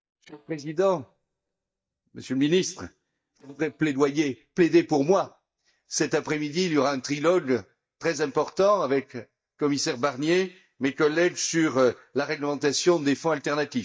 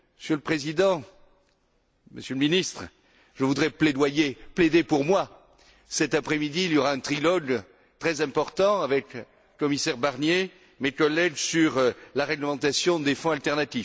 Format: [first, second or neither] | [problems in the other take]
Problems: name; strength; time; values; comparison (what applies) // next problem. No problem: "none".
second | noise reduction (neural mask model DeepFilterNet 3)